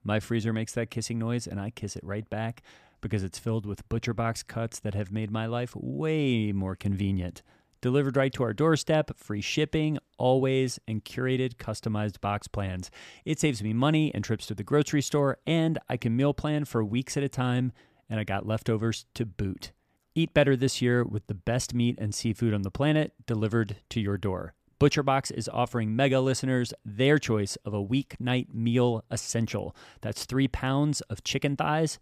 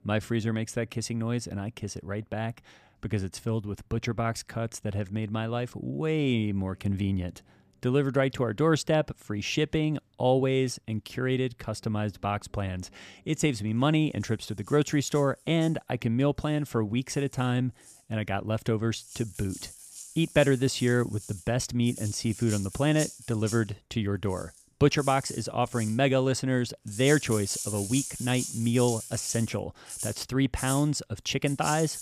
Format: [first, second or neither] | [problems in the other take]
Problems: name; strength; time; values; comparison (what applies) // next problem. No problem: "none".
first | background music; loud; throughout; 10 dB below the speech